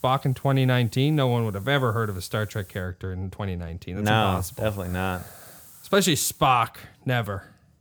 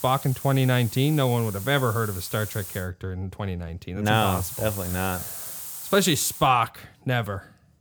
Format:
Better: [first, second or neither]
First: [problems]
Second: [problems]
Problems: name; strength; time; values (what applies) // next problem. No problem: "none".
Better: first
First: hiss; faint; until 3 s and from 4 to 6.5 s; 20 dB below the speech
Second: hiss; loud; until 3 s and from 4 to 6.5 s; 9 dB below the speech